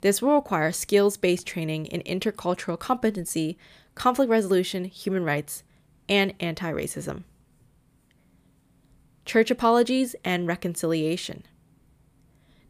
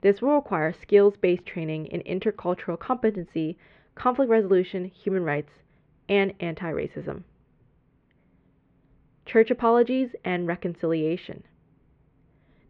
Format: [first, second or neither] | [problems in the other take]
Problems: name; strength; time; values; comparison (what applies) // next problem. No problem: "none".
first | muffled; very; fading above 2.5 kHz